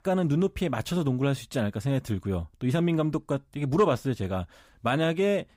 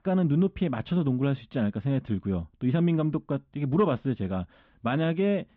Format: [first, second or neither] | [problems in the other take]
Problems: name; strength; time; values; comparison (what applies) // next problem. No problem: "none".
first | muffled; very; fading above 3.5 kHz